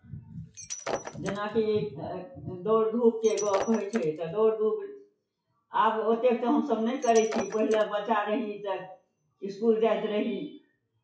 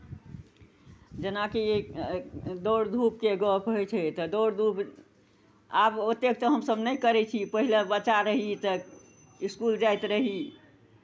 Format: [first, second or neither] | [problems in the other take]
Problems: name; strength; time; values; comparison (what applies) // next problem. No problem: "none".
second | noise reduction (classical method WPE with log-MMSE)